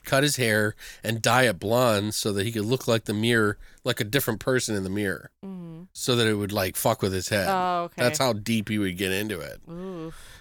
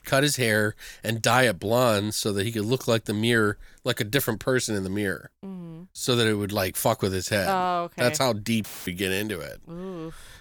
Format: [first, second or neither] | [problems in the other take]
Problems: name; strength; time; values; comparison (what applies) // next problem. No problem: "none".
first | audio cutting out; filled with static; at 8.5 s